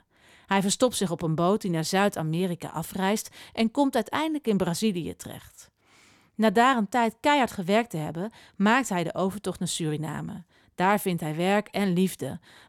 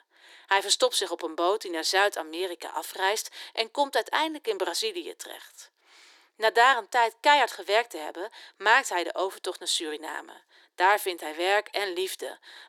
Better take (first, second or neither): first